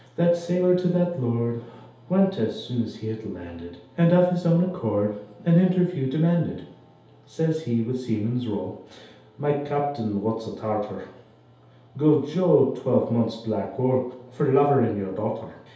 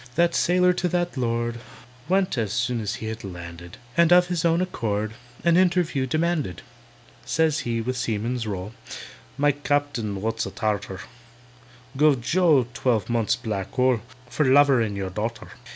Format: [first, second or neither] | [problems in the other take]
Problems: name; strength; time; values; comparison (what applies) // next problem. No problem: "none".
second | room echo; dies away in 0.8 s